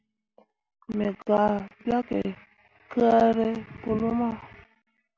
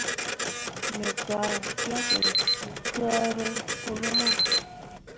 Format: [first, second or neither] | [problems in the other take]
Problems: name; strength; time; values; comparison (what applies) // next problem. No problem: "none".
first | background sound (Printer + Alarm); 5 dB above the speech